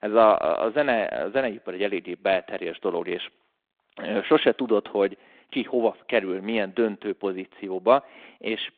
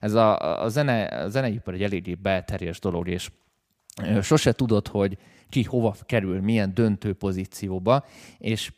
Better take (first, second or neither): second